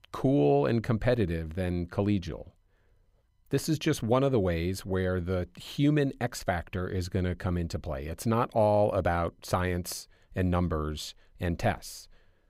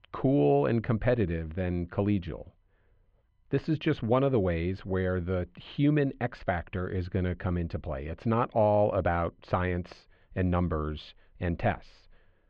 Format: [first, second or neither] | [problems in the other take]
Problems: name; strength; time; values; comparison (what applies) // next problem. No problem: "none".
first | muffled; very; fading above 3 kHz